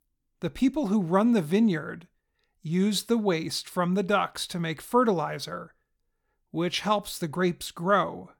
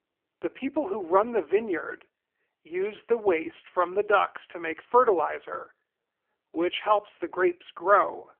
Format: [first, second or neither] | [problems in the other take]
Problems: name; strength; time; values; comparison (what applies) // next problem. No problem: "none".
first | phone-call audio; poor line; nothing above 3 kHz